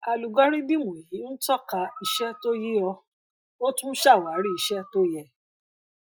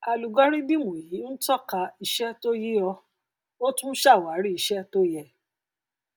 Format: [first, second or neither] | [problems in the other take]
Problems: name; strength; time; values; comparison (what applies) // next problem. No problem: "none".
second | noise reduction (classical method Wiener filter)